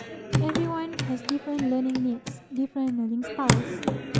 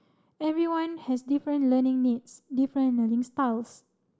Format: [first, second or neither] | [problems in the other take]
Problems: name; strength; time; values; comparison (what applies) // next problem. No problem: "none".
second | background sound (Hands / Wood); as loud as the speech